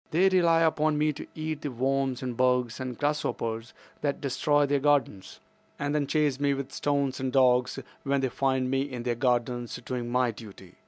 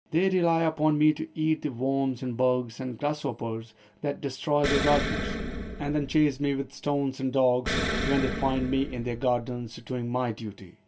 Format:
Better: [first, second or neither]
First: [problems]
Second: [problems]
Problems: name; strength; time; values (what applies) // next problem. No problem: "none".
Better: first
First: none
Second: background sound (Explosion); 5 dB below the speech // room echo; dies away in 0.2 s